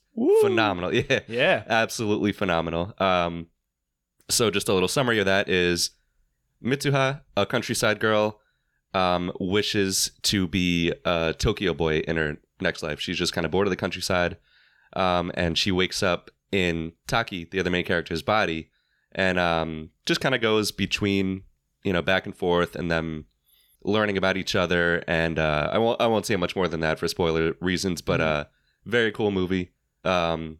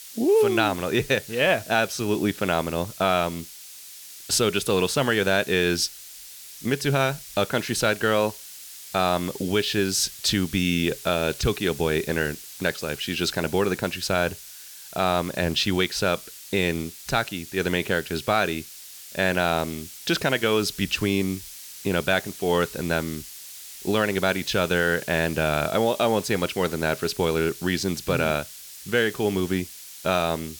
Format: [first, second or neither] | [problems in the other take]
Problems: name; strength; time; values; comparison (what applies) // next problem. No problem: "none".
first | hiss; noticeable; throughout; 15 dB below the speech